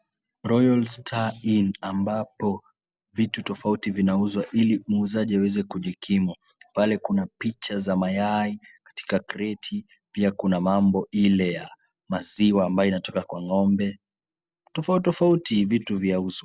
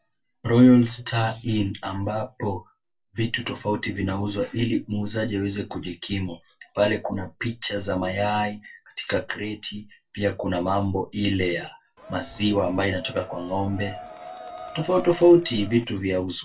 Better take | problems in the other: first | background sound (Crowd); 16 dB below the speech // room echo; dies away in 0.2 s

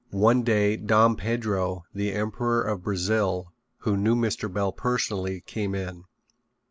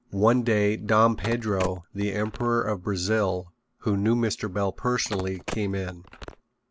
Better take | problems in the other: first | background sound (Telephone); 13 dB below the speech

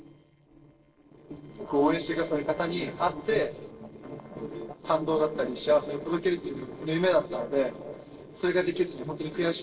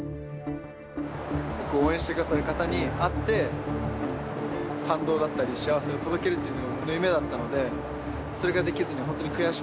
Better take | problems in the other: second | noise reduction (neural separator model SepFormer DNS4)

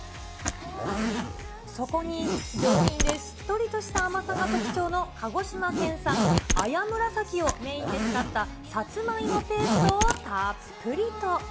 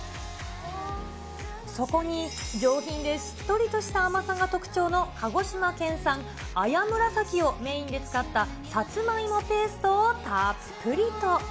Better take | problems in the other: second | background sound (Zipper (clothing)); as loud as the speech

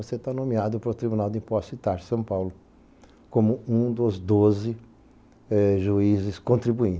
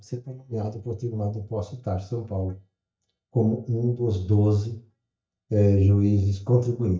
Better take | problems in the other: first | noise reduction (neural mask model DeepFilterNet 3)

